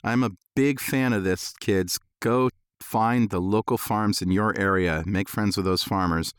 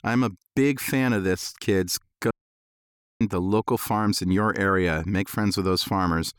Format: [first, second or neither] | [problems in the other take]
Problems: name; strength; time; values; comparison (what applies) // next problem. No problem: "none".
first | audio cutting out; at 2.5 s for 1 s